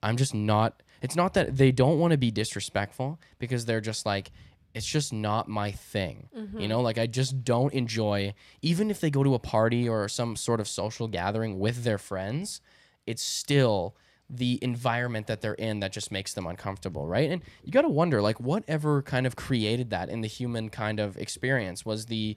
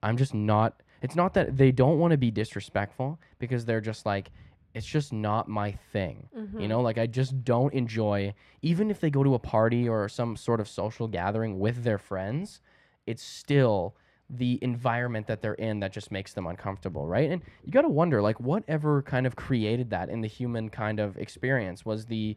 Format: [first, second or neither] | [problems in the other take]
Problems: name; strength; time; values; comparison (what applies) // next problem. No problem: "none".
first | muffled; slightly; fading above 3.5 kHz